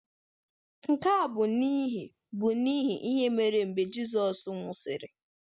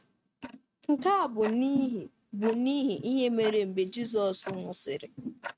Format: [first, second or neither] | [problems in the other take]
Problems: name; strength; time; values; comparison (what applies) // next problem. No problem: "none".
first | noise reduction (neural mask model RNNoise)